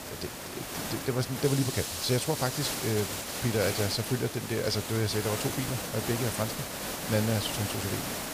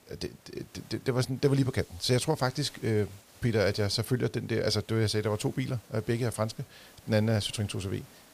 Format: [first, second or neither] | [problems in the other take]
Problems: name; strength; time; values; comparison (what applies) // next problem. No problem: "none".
second | hiss; loud; throughout; 3 dB below the speech; faint in the second